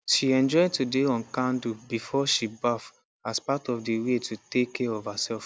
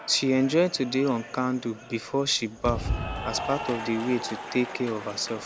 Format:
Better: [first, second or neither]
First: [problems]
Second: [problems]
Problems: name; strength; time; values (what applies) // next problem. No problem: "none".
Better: first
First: none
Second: background sound (Applause / Cheering); 8 dB below the speech